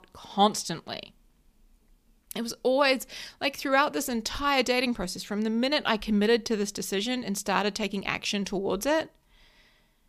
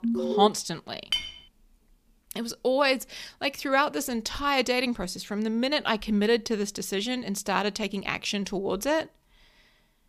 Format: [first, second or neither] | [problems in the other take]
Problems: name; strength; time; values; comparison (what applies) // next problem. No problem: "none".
first | alarm; loud; at the start; peak level with the speech // clattering dishes; noticeable; at 1 s; peak 2 dB below the speech